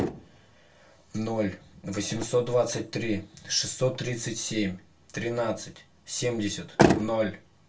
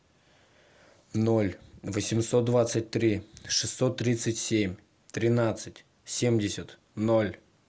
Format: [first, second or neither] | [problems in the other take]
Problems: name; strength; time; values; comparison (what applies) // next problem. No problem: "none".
second | background sound (Motor vehicle (road)); 3 dB below the speech // room echo; dies away in 0.2 s